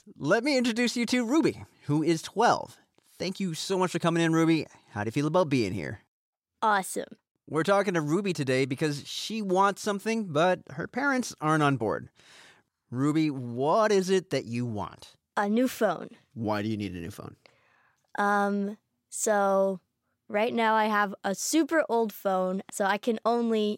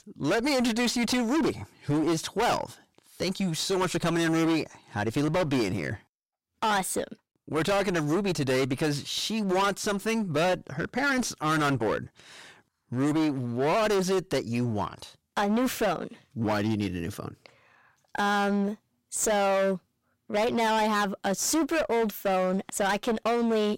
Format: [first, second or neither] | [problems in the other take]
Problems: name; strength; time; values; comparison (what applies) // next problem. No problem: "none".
first | distortion; heavy; 20% of the sound clipped